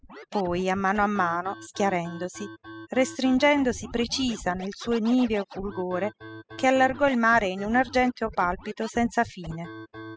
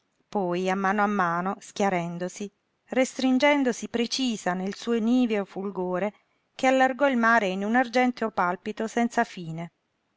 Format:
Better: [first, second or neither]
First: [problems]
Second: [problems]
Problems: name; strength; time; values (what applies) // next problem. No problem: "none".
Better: second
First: noise reduction (classical method spectral subtraction)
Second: none